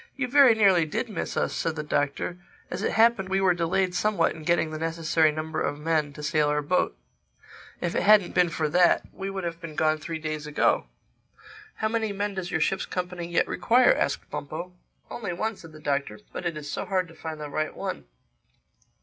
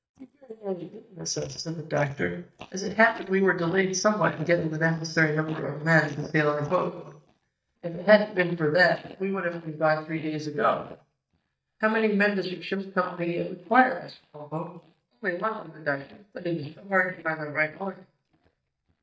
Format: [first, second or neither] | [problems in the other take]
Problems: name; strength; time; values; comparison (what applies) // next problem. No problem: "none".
first | noise reduction (neural mask model DeepFilterNet 3)